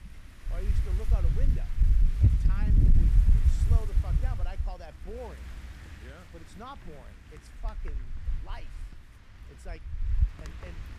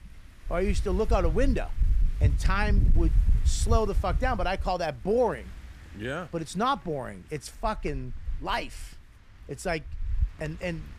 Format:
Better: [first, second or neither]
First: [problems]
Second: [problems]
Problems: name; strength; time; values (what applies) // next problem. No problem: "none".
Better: second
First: wind noise on the microphone; heavy; 1 dB above the speech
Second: wind noise on the microphone; occasional gusts; 20 dB below the speech